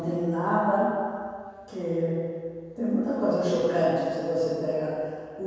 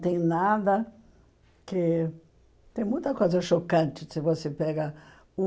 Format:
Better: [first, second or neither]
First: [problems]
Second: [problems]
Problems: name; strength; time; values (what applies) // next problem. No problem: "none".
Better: second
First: room echo; dies away in 1.9 s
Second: none